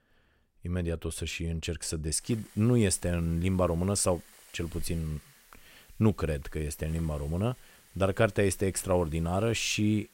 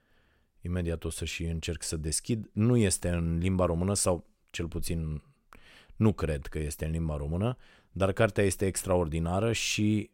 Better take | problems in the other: second | hiss; faint; from 2 s on; 25 dB below the speech

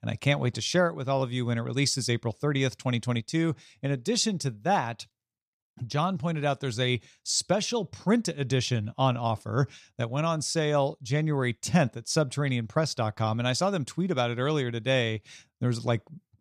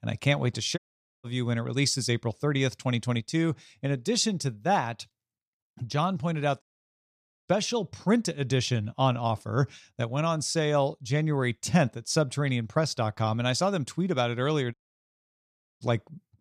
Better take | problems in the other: first | audio cutting out; at 1 s, at 6.5 s for 1 s and at 15 s for 1 s

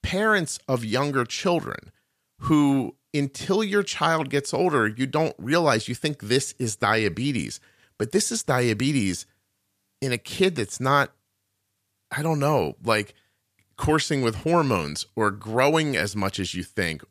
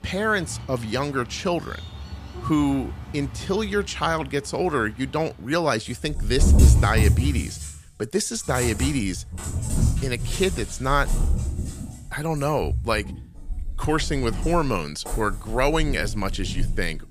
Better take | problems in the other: first | animal sounds; loud; throughout; 1 dB below the speech

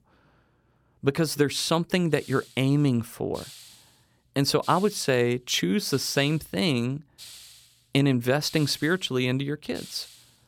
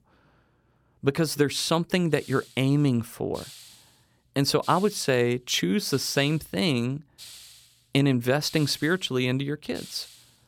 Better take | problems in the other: neither | hiss; faint; from 2 s on; 20 dB below the speech; the same in both

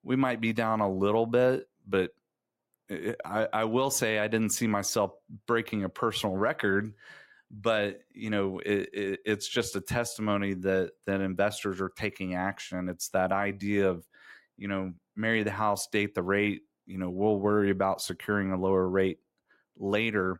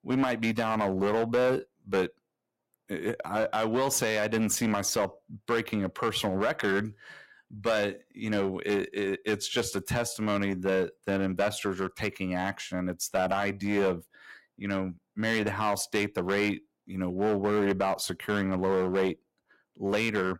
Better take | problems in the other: first | distortion; slight; 7% of the sound clipped

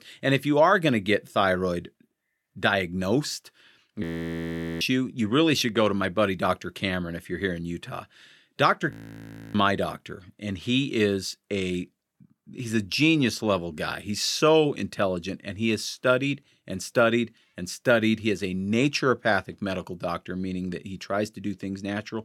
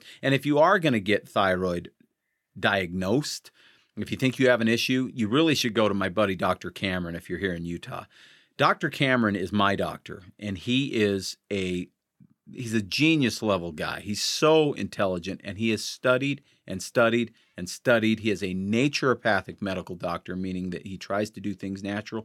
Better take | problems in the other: second | audio freezing; at 4 s for 1 s and at 9 s for 0.5 s

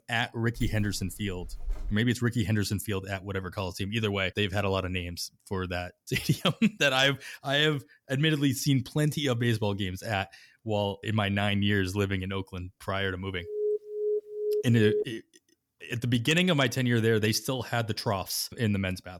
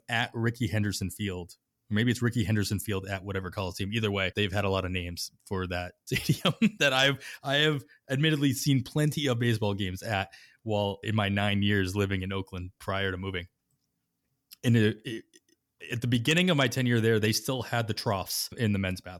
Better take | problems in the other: second | jangling keys; faint; from 0.5 to 2 s; peak 10 dB below the speech // alarm; noticeable; from 13 to 15 s; peak 2 dB below the speech

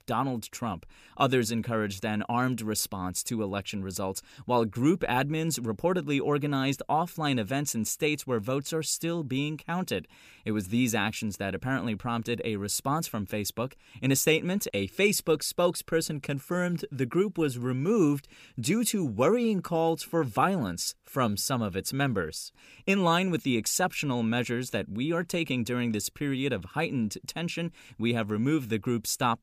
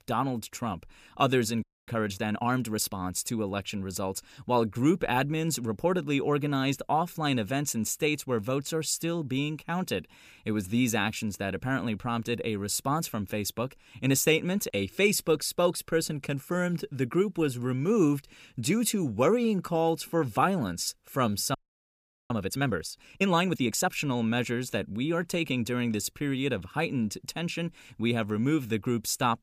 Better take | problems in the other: first | audio freezing; at 1.5 s and at 22 s for 1 s

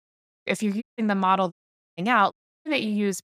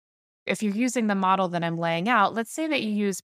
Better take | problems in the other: second | audio cutting out; at 1 s, at 1.5 s and at 2.5 s

